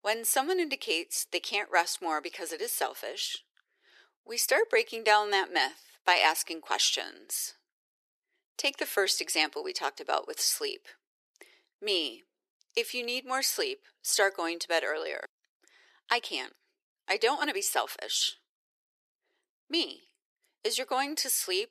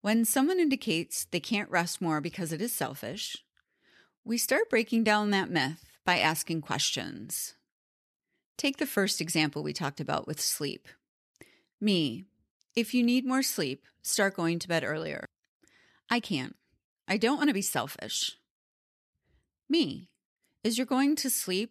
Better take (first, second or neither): second